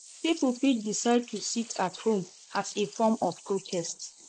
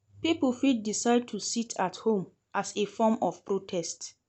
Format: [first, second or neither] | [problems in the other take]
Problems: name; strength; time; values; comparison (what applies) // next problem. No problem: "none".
second | noise reduction (neural mask model Resemble Enhance denoiser)